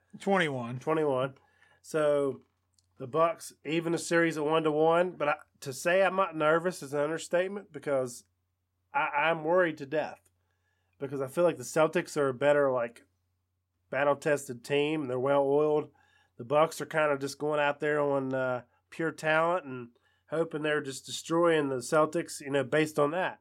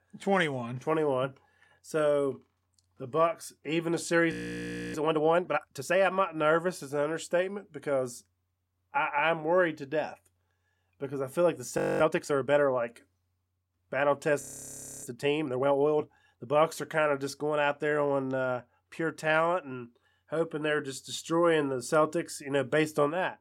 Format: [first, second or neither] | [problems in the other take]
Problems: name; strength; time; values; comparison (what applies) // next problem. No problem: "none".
first | audio freezing; at 4.5 s for 0.5 s, at 12 s and at 14 s for 0.5 s